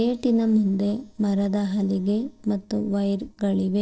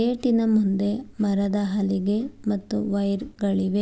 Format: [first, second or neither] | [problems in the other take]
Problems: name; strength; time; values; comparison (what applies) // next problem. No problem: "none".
second | noise reduction (neural separator model SepFormer DNS4)